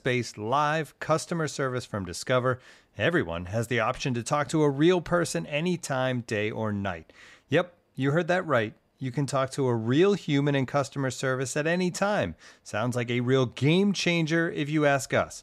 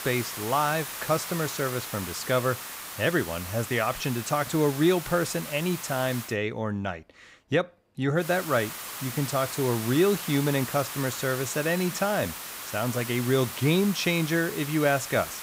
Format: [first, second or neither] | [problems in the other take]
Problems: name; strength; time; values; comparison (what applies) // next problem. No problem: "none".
first | hiss; loud; until 6.5 s and from 8 s on; 8 dB below the speech